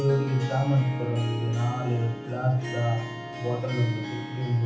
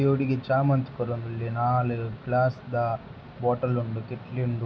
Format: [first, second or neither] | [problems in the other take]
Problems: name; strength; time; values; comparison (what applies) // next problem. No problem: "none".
second | background sound (Harp); 11 dB below the speech // room echo; dies away in 0.6 s